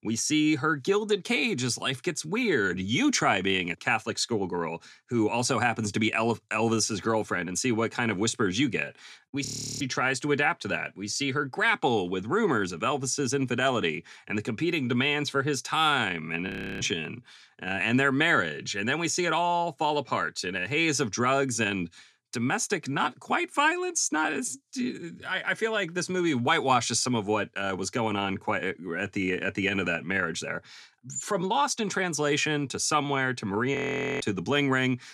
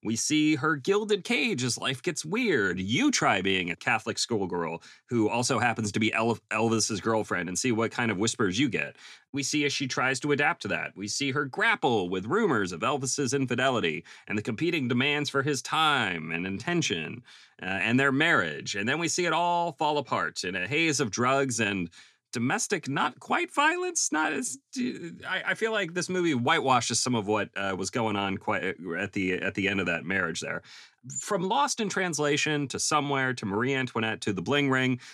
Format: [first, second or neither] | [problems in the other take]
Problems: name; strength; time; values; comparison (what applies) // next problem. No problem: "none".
second | audio freezing; at 9.5 s, at 16 s and at 34 s